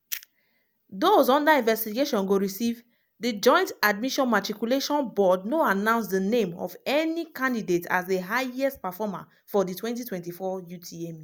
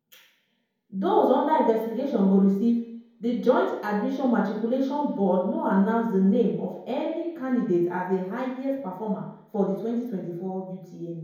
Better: first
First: none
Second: room echo; dies away in 0.9 s

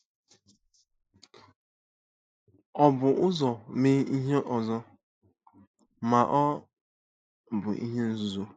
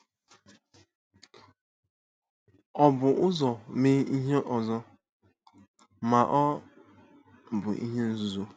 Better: second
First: noise reduction (neural mask model Resemble Enhance denoiser)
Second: none

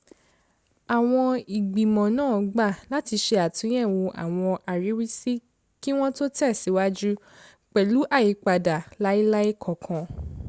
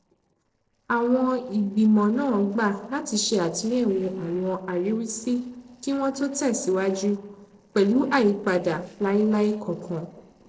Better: first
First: none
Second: noise reduction (neural separator model SepFormer DNS4)

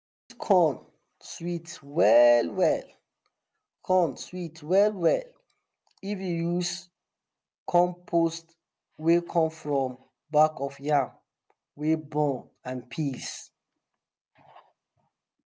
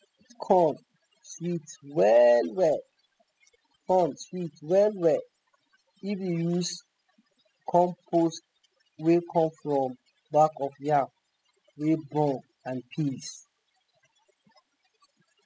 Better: first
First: none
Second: noise reduction (classical method spectral subtraction)

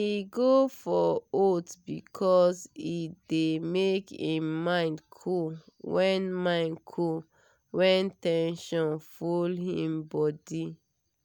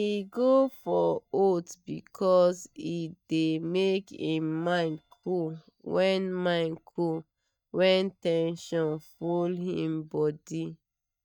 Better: first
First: none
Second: noise reduction (neural mask model DeepFilterNet 3)

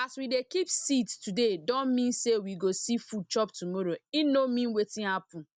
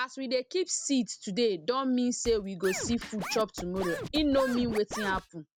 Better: first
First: none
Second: background sound (Scratching (performance technique)); 9 dB below the speech

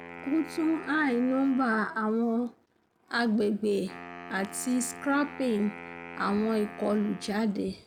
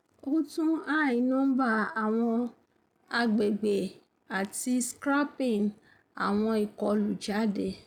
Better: second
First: background sound (Wind instrument, woodwind instrument); 16 dB below the speech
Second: none

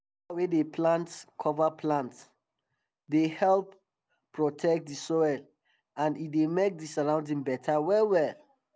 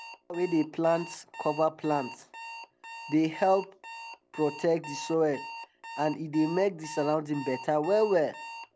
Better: first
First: none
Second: background sound (Alarm); 14 dB below the speech

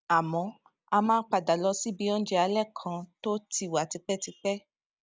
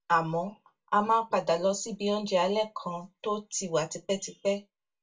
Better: first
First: none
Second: room echo; dies away in 0.2 s

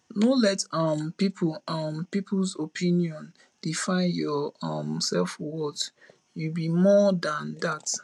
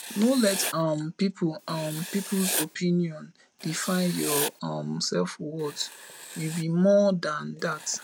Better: first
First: none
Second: background sound (Writing); 10 dB below the speech

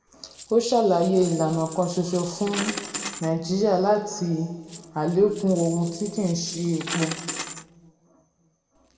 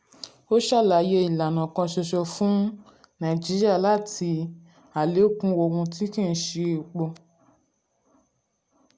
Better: second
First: background sound (Coin (dropping)); 13 dB below the speech // room echo; dies away in 1.6 s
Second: none

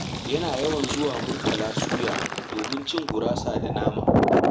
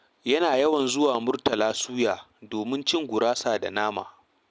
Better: second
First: background sound (Fill (with liquid)); 4 dB above the speech // room echo; dies away in 0.4 s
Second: none

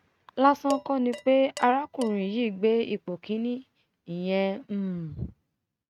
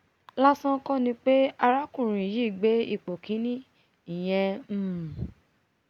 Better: second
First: noise reduction (neural mask model RNNoise)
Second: none

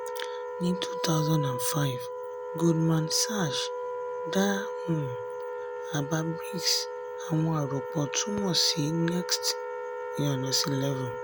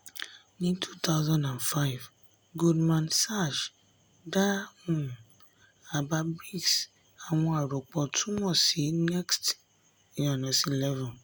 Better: second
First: background sound (Wind instrument, woodwind instrument); 5 dB below the speech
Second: none

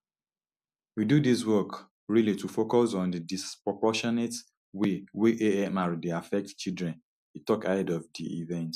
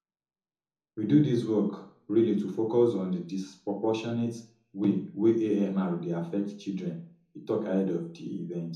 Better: first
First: none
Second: room echo; dies away in 0.8 s

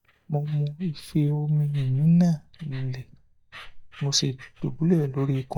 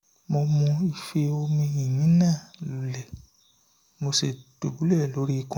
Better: second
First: noise reduction (neural mask model DeepFilterNet 3)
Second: none

